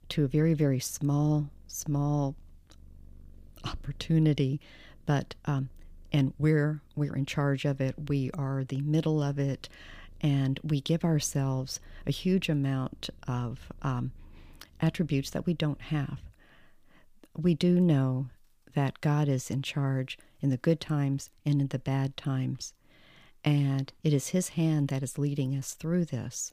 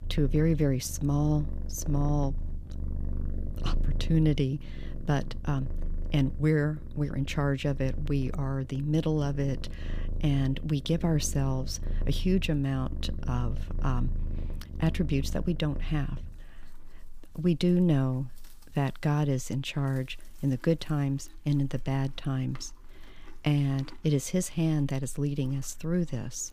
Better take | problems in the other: first | animal sounds; loud; throughout; 9 dB below the speech; faint in the first

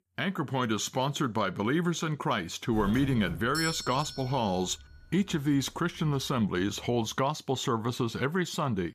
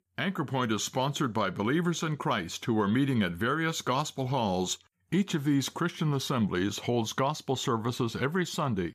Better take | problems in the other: second | doorbell; noticeable; from 2.5 to 6.5 s; peak 4 dB below the speech

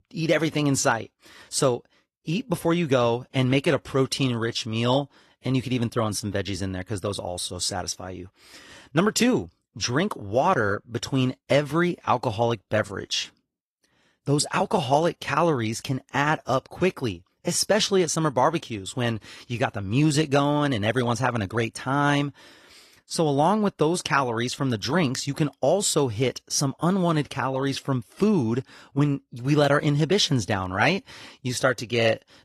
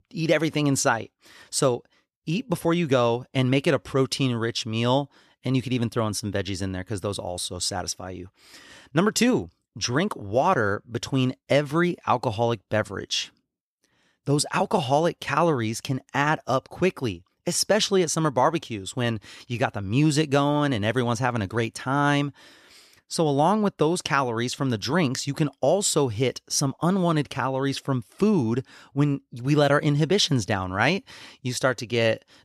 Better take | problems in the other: second | garbled, watery; slightly; nothing above 12.5 kHz

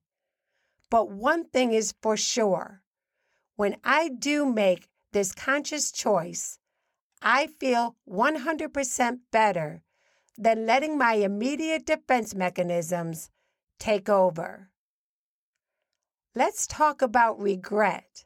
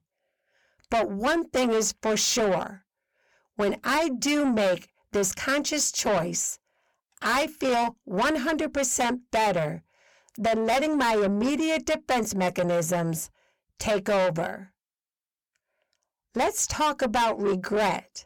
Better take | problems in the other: first | distortion; heavy; 6 dB below the speech

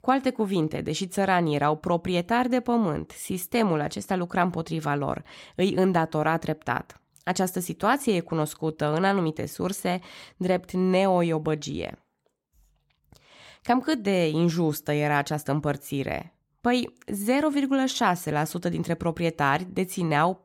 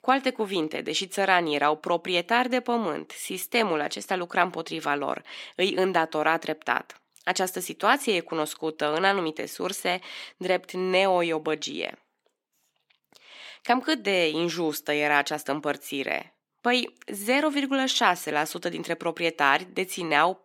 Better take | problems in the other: first | thin; somewhat; fading below 250 Hz

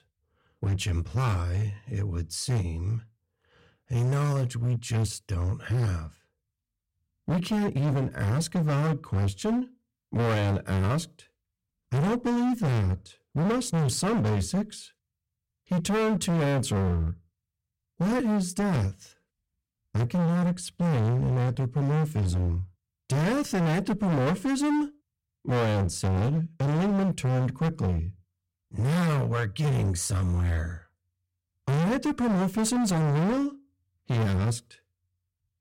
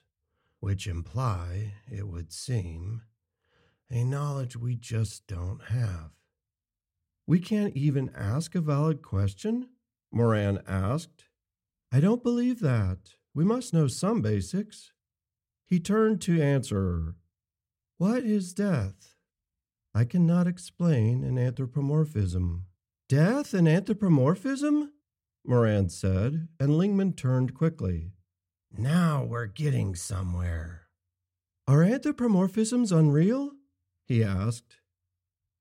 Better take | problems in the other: second | distortion; heavy; 26% of the sound clipped

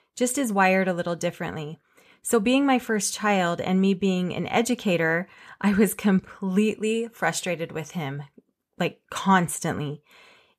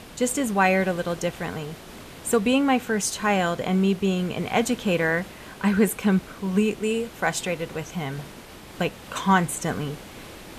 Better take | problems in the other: first | hiss; noticeable; throughout; 20 dB below the speech

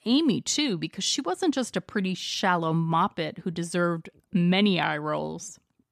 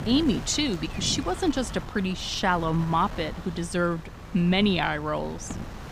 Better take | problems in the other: first | wind noise on the microphone; occasional gusts; 15 dB below the speech

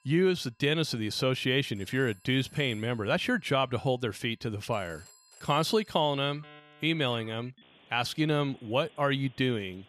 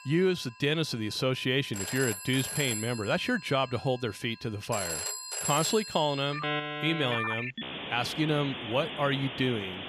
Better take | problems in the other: first | alarms or sirens; loud; throughout; 5 dB below the speech; faint in the first

